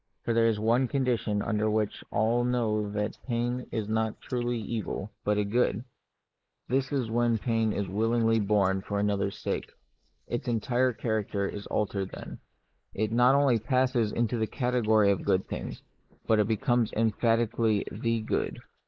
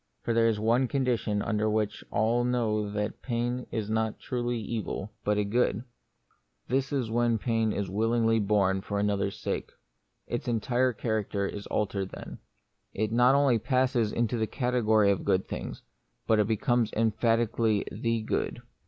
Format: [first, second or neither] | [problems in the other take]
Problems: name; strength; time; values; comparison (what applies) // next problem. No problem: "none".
second | noise reduction (neural mask model Resemble Enhance denoiser)